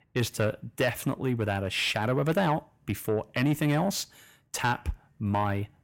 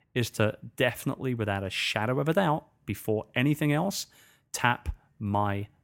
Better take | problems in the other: second | distortion; slight; 10 dB below the speech

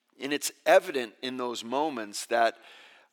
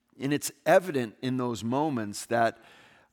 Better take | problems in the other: second | thin; somewhat; fading below 450 Hz

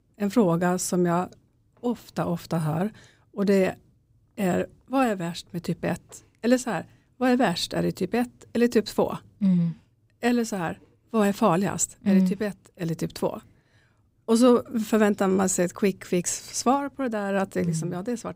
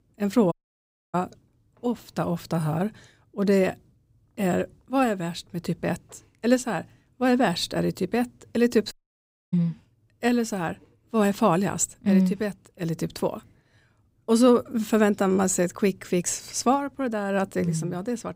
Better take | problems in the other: first | audio cutting out; at 0.5 s for 0.5 s and at 9 s for 0.5 s

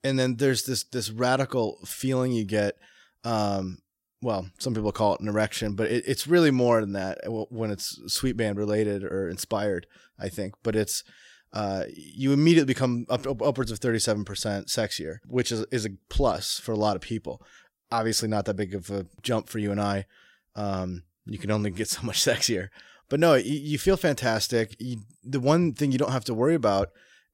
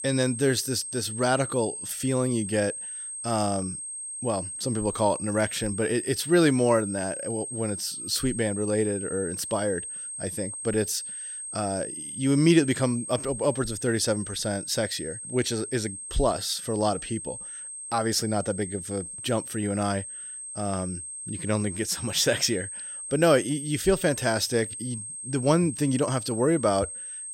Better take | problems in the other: first | high-pitched whine; loud; throughout; 8.5 kHz, 7 dB below the speech

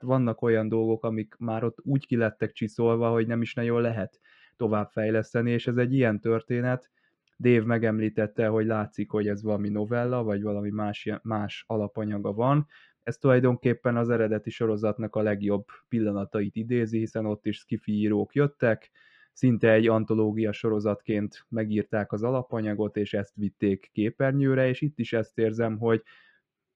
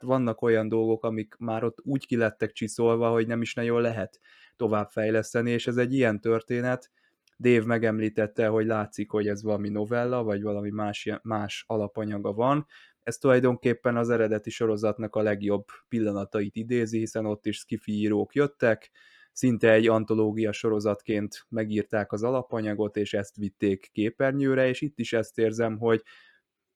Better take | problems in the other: second | muffled; slightly; fading above 3.5 kHz

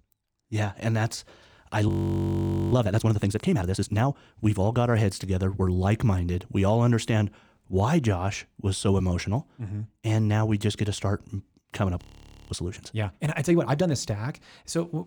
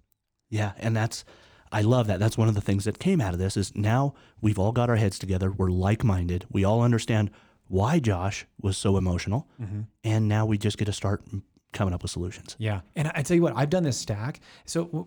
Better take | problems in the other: second | audio freezing; at 2 s for 1 s and at 12 s

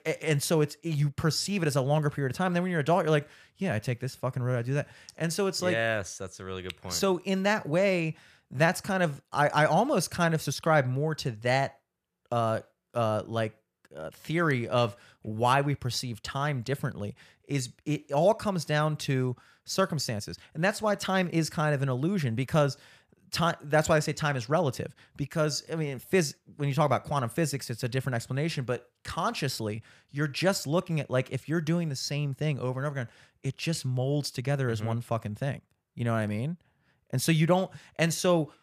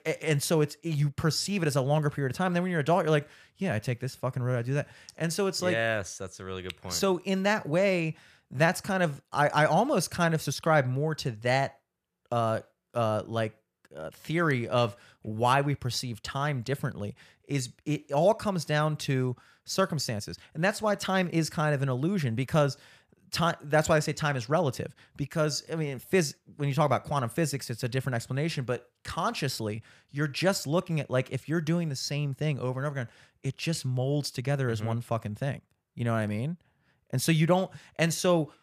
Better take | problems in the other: neither | none

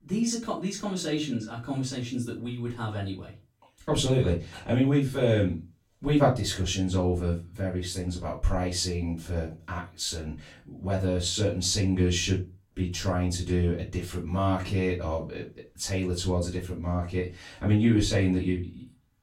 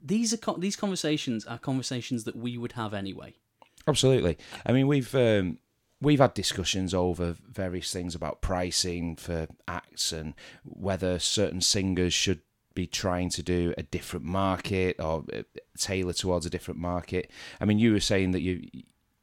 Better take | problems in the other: second | room echo; slight; dies away in 0.3 s // off-mic speech; far

